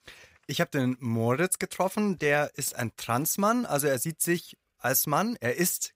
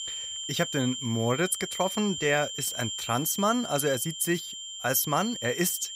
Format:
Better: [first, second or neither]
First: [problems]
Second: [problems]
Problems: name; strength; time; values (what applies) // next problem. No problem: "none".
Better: first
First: none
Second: high-pitched whine; loud; throughout; 3 kHz, 6 dB below the speech